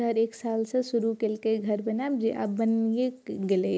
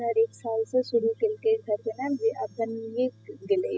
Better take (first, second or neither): first